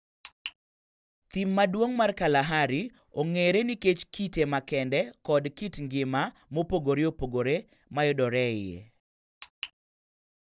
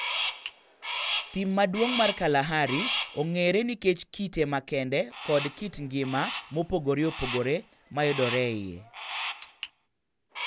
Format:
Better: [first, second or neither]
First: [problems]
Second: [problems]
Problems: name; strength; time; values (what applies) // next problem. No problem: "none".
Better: first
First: none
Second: background sound (Crow); 7 dB below the speech